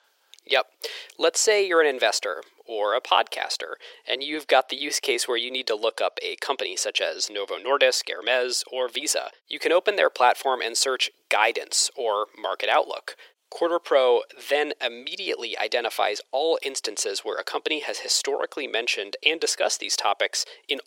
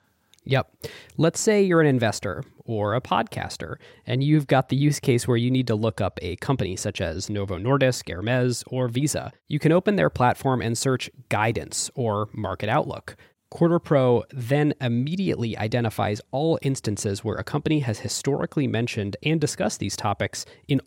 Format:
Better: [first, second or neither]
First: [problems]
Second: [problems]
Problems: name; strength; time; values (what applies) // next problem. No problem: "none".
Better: second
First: thin; very; fading below 400 Hz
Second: none